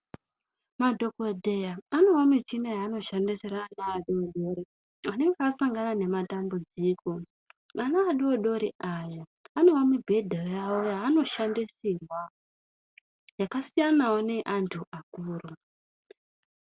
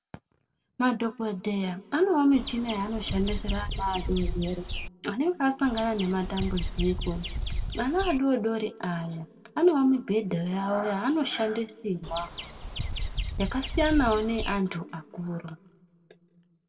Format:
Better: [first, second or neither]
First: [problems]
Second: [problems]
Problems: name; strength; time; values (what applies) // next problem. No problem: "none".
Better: first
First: none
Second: background sound (Bird vocalization, bird call, bird song); 4 dB below the speech // room echo; dies away in 2 s